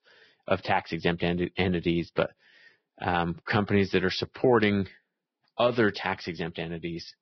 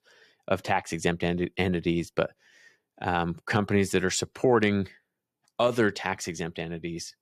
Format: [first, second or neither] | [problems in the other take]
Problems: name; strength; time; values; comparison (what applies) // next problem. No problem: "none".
second | garbled, watery; badly; nothing above 5.5 kHz